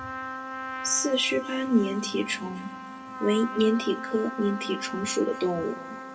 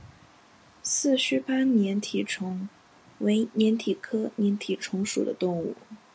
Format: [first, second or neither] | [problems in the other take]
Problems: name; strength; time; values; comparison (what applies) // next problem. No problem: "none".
second | background sound (Trumpet); 9 dB below the speech // room echo; dies away in 1.9 s